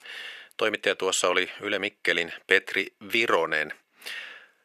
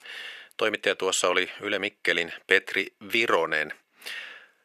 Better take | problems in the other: neither | thin; somewhat; fading below 400 Hz; the same in both

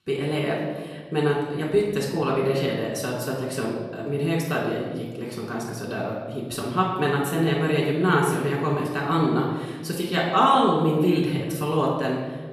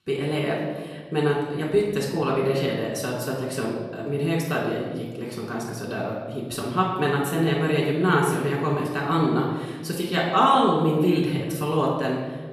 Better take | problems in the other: neither | room echo; noticeable; dies away in 1.3 s; the same in both // off-mic speech; far; the same in both

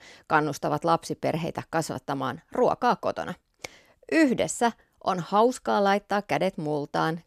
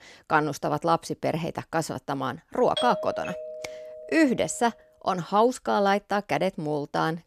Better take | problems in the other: first | doorbell; noticeable; from 3 to 4 s; peak 4 dB below the speech

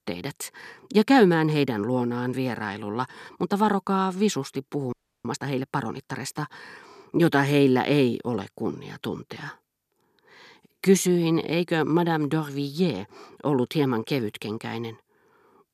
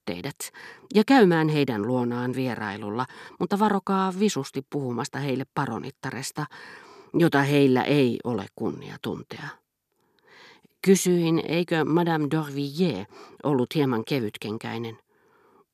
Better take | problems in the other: second | audio freezing; at 5 s

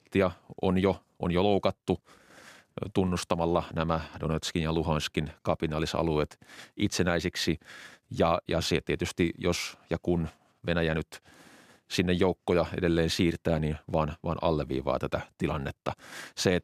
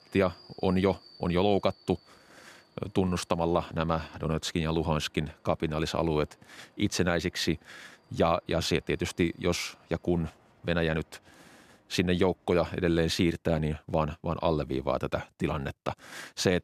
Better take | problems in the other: first | train or aircraft noise; faint; until 13 s; 30 dB below the speech

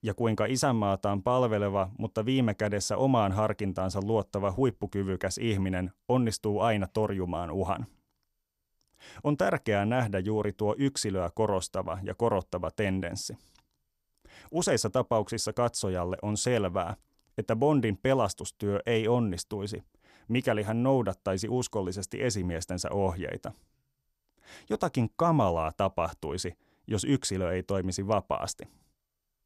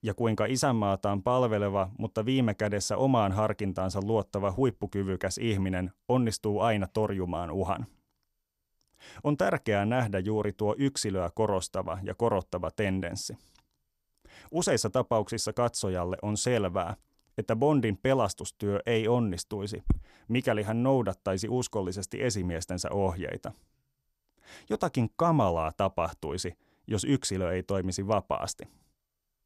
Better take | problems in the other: first | footsteps; noticeable; at 20 s; peak 4 dB below the speech

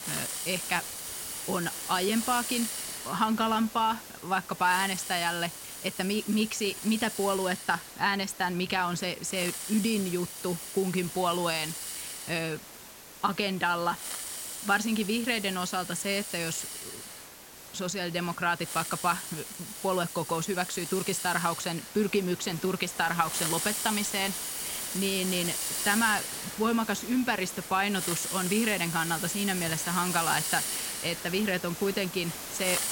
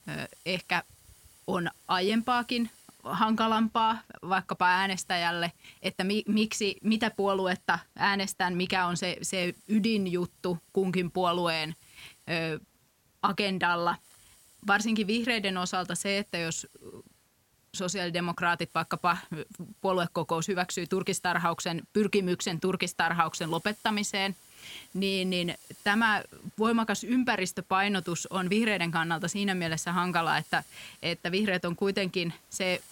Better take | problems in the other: second | hiss; loud; throughout; 5 dB below the speech; faint in the second

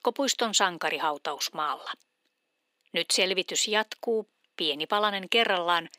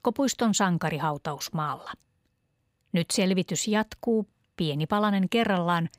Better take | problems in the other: second | thin; somewhat; fading below 300 Hz

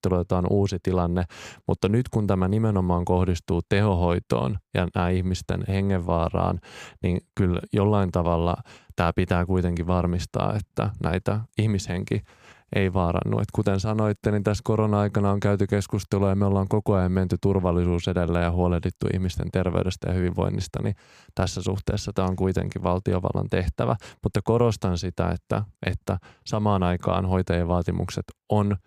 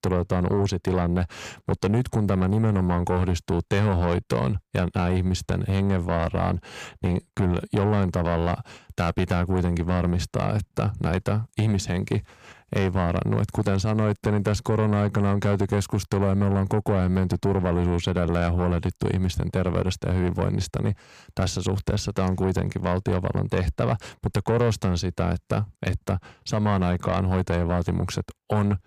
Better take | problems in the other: first | distortion; slight; 10 dB below the speech

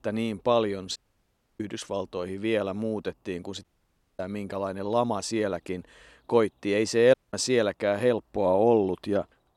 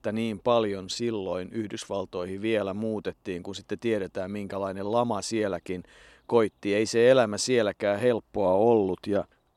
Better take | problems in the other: second | audio cutting out; at 1 s for 0.5 s, at 3.5 s for 0.5 s and at 7 s

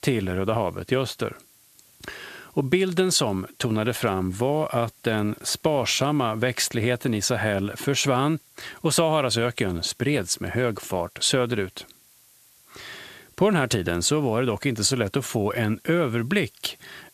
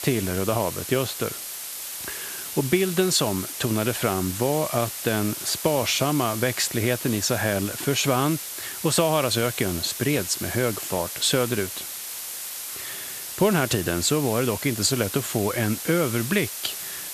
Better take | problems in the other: first | hiss; loud; throughout; 7 dB below the speech; faint in the first

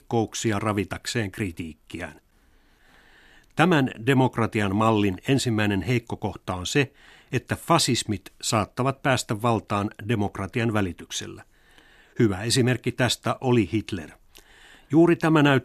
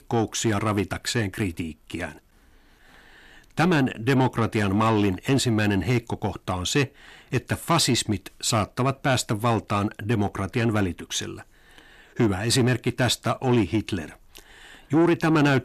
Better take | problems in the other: first | distortion; slight; 10 dB below the speech

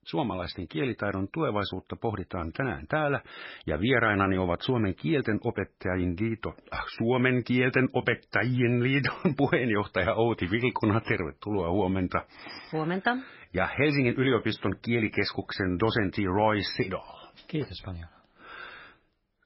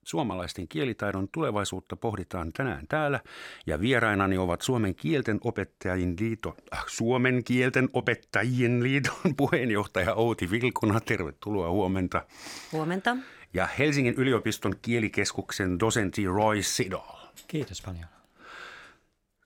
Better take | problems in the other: second | garbled, watery; badly; nothing above 5.5 kHz

